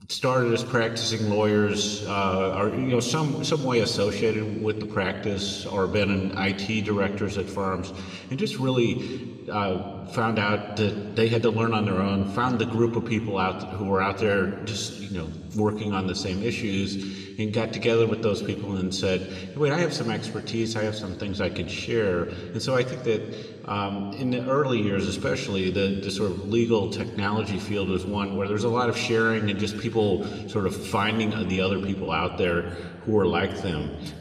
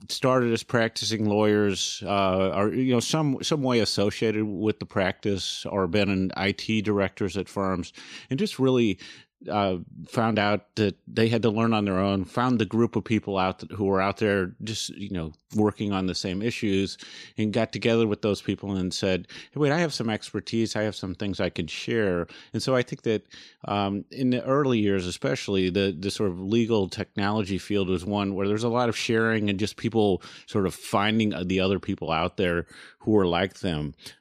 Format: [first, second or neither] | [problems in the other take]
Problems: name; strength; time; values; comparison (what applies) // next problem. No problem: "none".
second | room echo; slight; dies away in 1.8 s